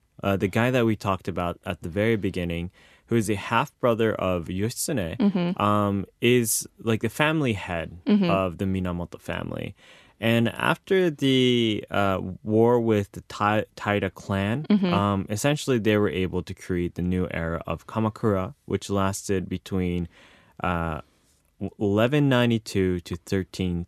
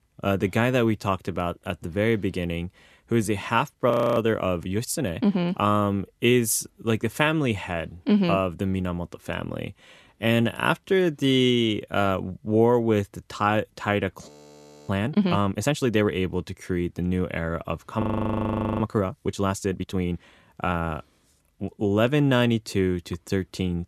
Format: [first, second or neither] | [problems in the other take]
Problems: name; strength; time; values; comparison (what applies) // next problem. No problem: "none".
first | audio freezing; at 4 s, at 14 s for 0.5 s and at 18 s for 1 s